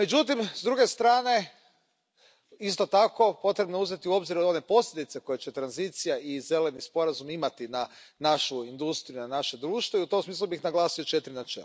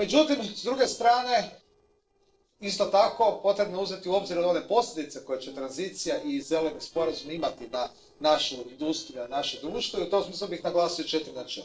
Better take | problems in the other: first | noise reduction (neural separator model SepFormer DNS4)

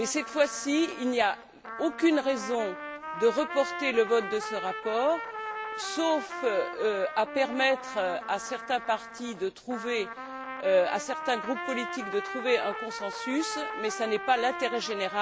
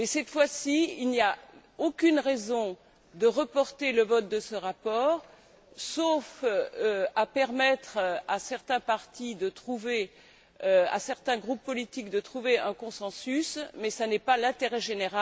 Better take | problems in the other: second | background sound (Trumpet); 9 dB below the speech

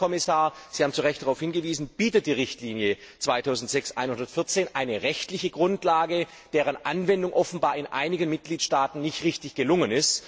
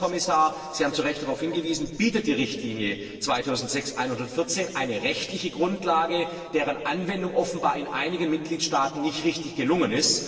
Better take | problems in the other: first | room echo; dies away in 2.3 s

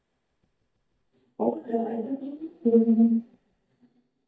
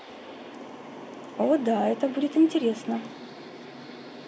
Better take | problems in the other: second | noise reduction (neural mask model DeepFilterNet 3)

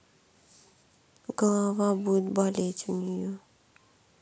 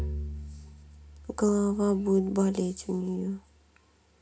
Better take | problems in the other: first | background sound (Bowed string instrument); 12 dB below the speech // room echo; dies away in 0.3 s

